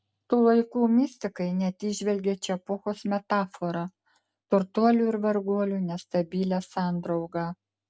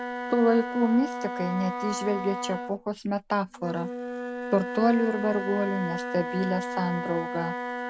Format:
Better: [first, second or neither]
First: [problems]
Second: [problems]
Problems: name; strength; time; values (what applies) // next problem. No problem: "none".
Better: first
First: none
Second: background sound (Wind instrument, woodwind instrument); 6 dB below the speech